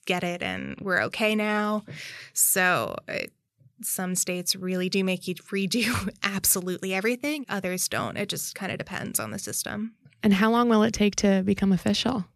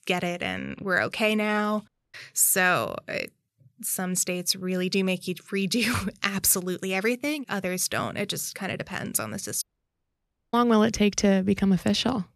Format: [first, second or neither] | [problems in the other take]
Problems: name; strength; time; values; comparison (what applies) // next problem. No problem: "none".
first | audio cutting out; at 2 s and at 9.5 s for 1 s